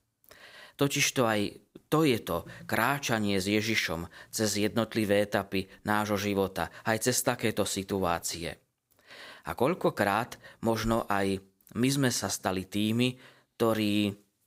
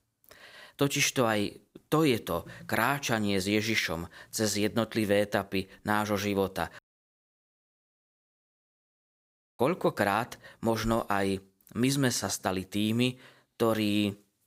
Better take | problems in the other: first | audio cutting out; at 7 s for 3 s

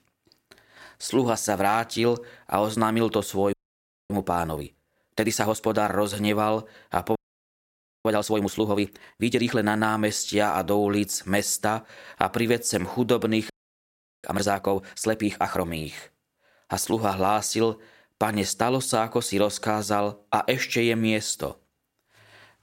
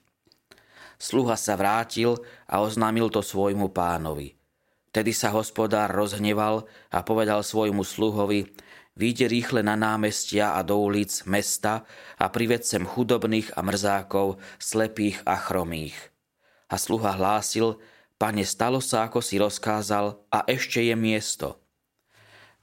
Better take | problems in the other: second | audio freezing; at 3.5 s for 0.5 s, at 7 s for 1 s and at 14 s for 0.5 s

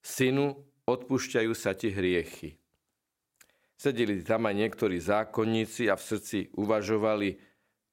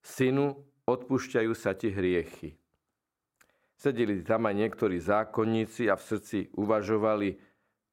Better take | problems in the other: first | muffled; slightly; fading above 2 kHz

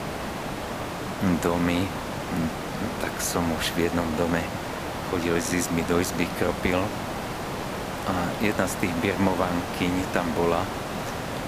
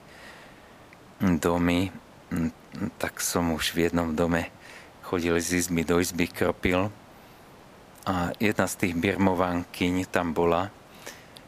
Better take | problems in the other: second | hiss; loud; throughout; 4 dB below the speech; faint in the second

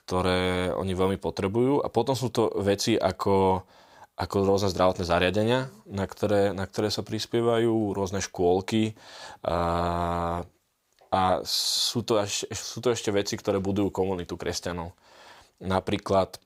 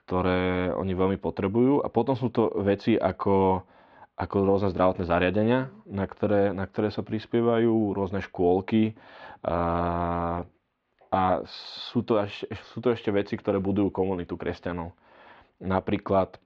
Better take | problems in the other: first | muffled; very; fading above 3 kHz

